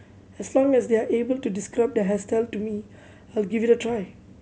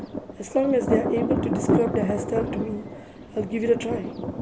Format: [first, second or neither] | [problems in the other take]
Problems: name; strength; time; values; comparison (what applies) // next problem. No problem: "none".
first | background sound (Thunder); 1 dB below the speech